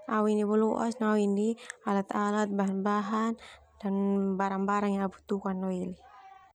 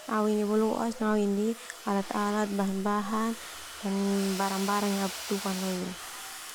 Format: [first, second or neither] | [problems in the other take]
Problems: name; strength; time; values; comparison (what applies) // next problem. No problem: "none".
first | background sound (Domestic sounds, home sounds); 12 dB below the speech